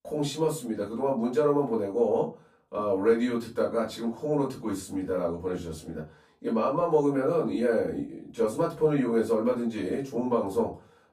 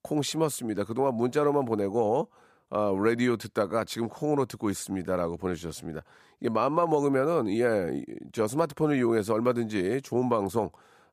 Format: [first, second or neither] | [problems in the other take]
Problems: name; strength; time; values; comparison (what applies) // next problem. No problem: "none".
second | off-mic speech; far // room echo; slight; dies away in 0.2 s